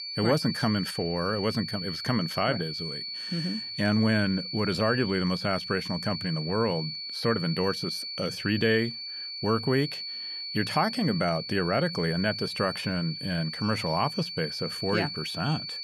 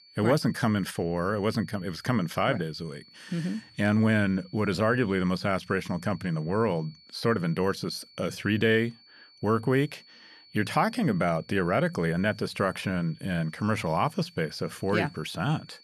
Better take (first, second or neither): second